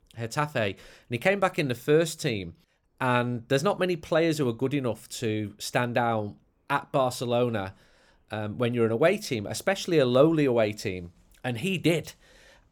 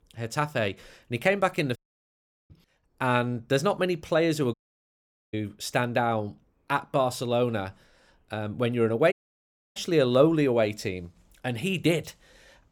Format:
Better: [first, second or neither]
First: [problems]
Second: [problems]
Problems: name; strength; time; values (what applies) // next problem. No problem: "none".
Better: first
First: none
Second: audio cutting out; at 2 s for 0.5 s, at 4.5 s for 1 s and at 9 s for 0.5 s